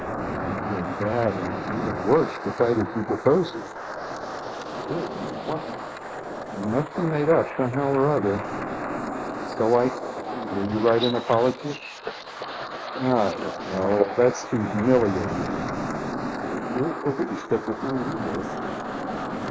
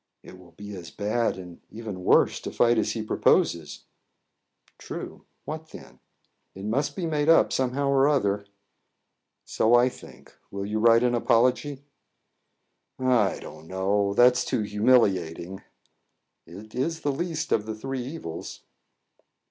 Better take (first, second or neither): second